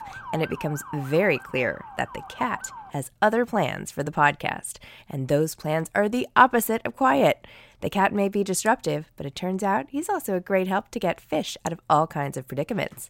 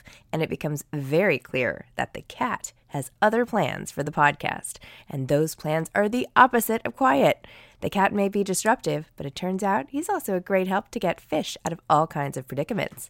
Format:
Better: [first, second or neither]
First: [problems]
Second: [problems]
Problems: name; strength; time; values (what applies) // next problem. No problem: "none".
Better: second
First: siren; faint; until 3 s; peak 10 dB below the speech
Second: none